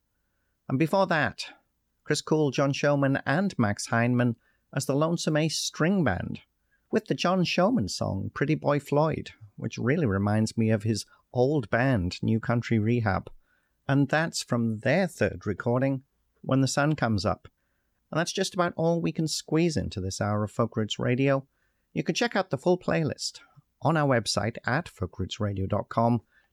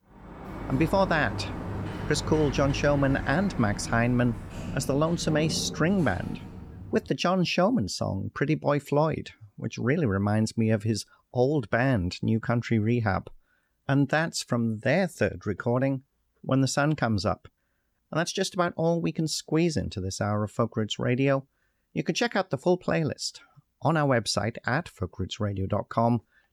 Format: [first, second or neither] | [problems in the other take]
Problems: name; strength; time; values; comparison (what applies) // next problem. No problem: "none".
first | door banging; noticeable; until 7 s; peak 6 dB below the speech